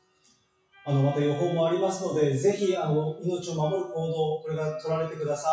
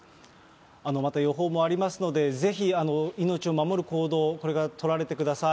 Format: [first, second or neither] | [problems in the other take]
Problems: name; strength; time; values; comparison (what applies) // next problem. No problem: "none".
second | noise reduction (classical method WPE with log-MMSE)